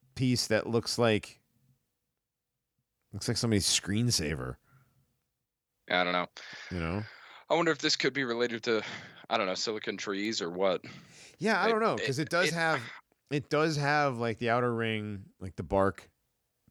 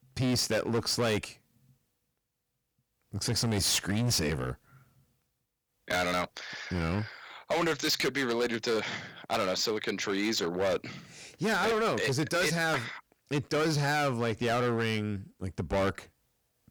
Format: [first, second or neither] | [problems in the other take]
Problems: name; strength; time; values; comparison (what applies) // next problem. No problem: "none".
first | distortion; heavy; 13% of the sound clipped